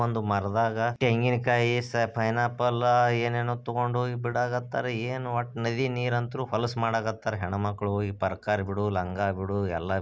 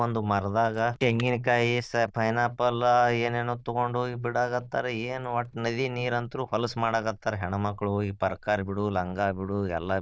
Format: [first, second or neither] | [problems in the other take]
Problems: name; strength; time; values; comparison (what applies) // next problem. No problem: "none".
first | noise reduction (neural diffusion model UNIVERSE++)